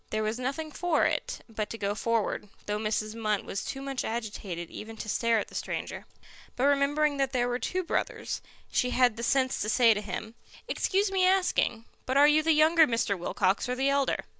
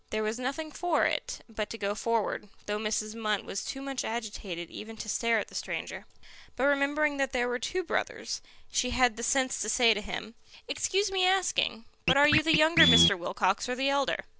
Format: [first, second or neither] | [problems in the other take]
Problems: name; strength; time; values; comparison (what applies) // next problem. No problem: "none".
first | background sound (Scratching (performance technique)); as loud as the speech